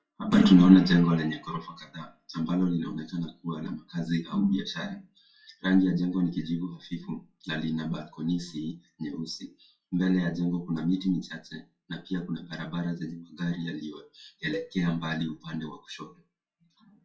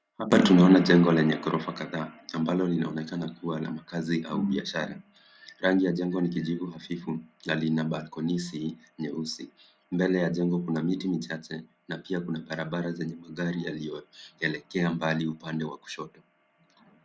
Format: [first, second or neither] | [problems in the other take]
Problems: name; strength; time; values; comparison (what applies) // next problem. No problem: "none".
second | noise reduction (classical method WPE with log-MMSE)